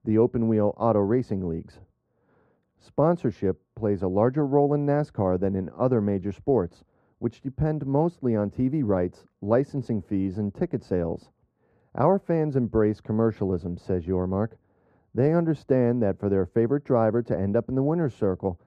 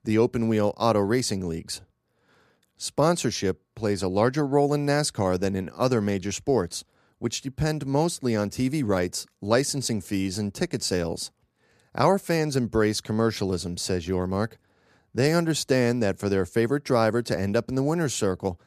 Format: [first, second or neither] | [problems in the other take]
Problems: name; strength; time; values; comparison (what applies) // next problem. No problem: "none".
second | muffled; very; fading above 2.5 kHz